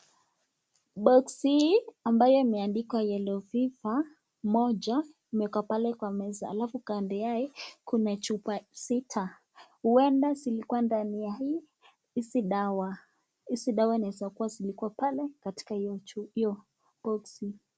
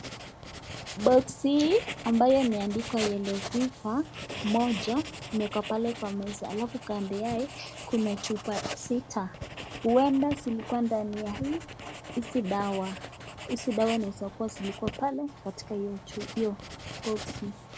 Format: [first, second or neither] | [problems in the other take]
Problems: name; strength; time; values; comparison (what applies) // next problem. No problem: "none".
first | background sound (Writing); 11 dB below the speech